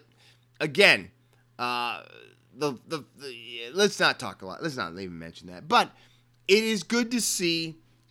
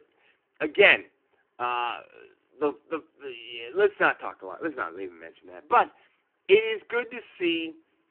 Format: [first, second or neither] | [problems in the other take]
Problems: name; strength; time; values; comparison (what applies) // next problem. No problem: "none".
first | phone-call audio; poor line